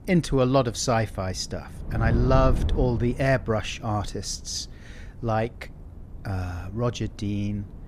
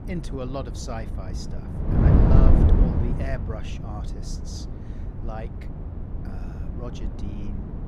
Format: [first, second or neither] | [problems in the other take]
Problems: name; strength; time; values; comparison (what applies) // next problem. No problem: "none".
first | wind noise on the microphone; heavy; 3 dB above the speech; occasional gusts in the first